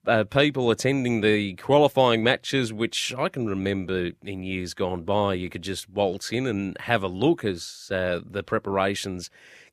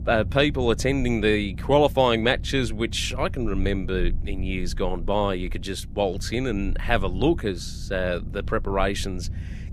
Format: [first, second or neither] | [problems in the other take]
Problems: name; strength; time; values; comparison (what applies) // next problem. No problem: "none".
first | low rumble; faint; throughout; 25 dB below the speech